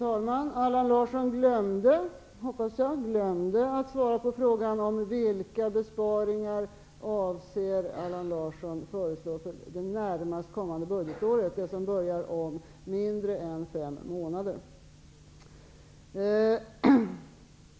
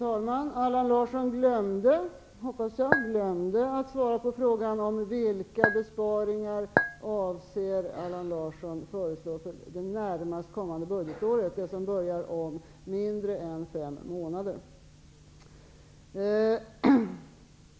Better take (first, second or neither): first